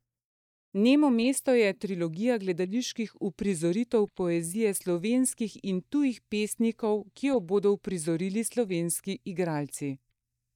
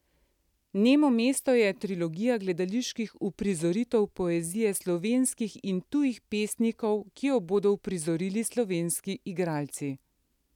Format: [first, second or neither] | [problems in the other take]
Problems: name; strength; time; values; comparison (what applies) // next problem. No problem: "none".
second | noise reduction (neural mask model DeepFilterNet 3)